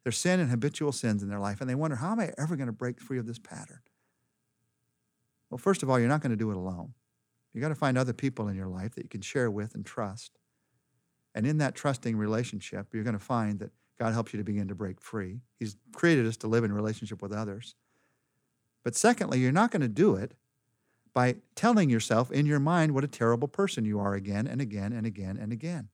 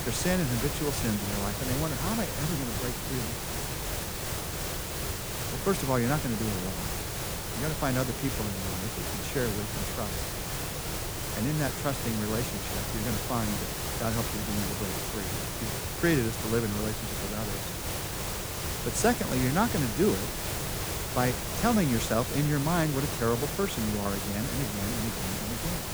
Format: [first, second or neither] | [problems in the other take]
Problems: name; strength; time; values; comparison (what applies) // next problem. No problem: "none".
first | hiss; loud; throughout; 1 dB below the speech